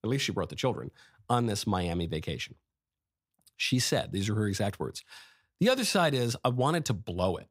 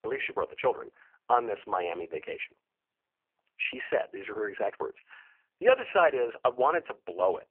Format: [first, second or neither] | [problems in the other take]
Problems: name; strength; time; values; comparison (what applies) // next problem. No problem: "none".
first | phone-call audio; poor line; nothing above 3 kHz